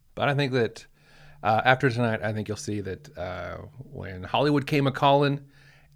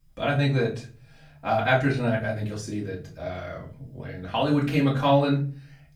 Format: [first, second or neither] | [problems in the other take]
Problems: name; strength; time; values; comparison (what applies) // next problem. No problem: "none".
first | off-mic speech; far // room echo; slight; dies away in 0.4 s